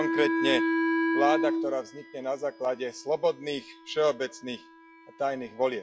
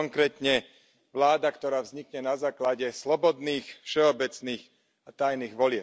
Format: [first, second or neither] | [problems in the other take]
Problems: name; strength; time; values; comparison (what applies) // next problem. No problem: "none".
second | noise reduction (classical method log-MMSE)